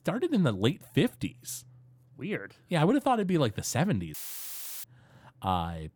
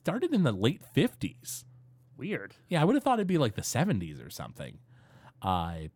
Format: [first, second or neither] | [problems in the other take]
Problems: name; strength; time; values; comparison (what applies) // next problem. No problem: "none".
second | audio cutting out; filled with static; at 4 s for 0.5 s